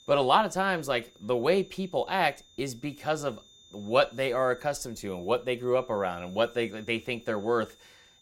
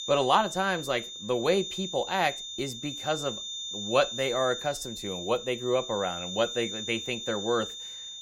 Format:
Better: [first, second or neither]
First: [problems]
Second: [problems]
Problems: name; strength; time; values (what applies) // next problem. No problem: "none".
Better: first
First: high-pitched whine; faint; throughout; 3.5 kHz, 25 dB below the speech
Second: high-pitched whine; loud; throughout; 3.5 kHz, 6 dB below the speech